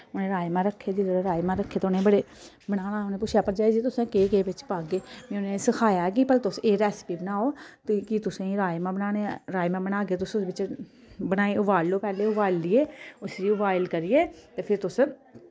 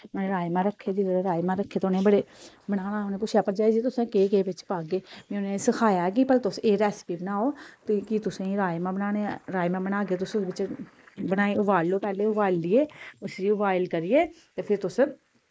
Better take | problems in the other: first | noise reduction (neural mask model Resemble Enhance denoiser)

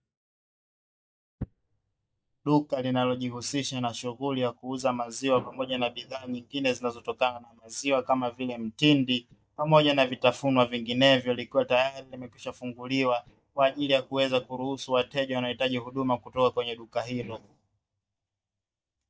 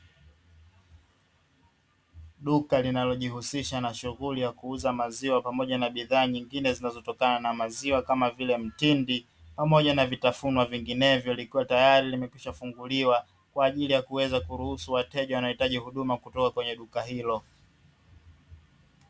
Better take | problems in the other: second | noise reduction (neural mask model DeepFilterNet 3)

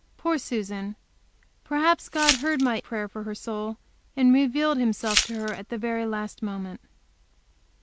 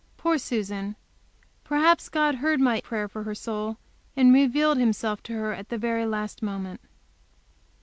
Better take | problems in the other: second | background sound (Glass); 2 dB below the speech

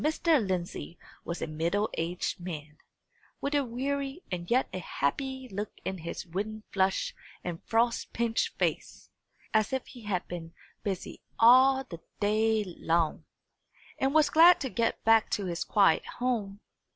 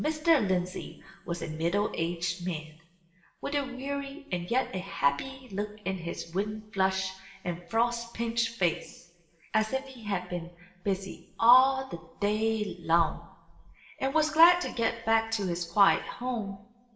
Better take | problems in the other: first | room echo; dies away in 1 s

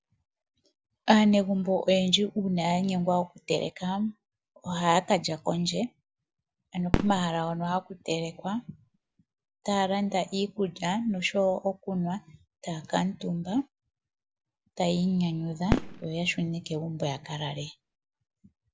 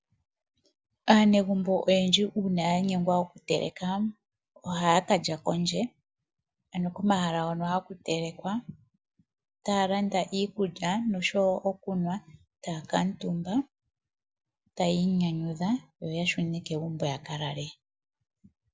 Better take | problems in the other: second | background sound (Fireworks); 6 dB below the speech

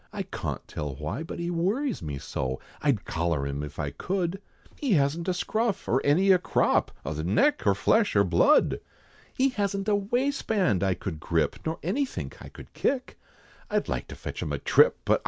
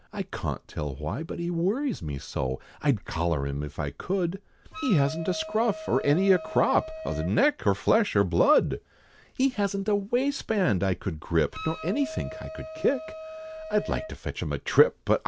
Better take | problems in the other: first | background sound (Wind instrument, woodwind instrument); 13 dB below the speech

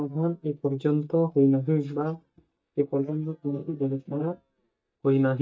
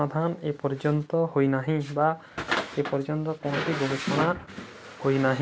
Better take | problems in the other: second | noise reduction (neural mask model DeepFilterNet 3)

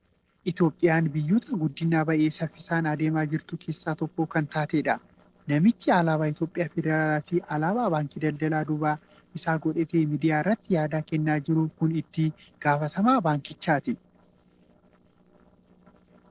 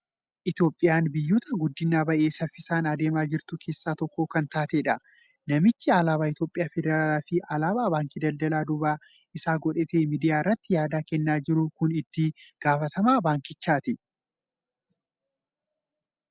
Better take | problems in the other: second | noise reduction (neural separator model SepFormer DNS4)

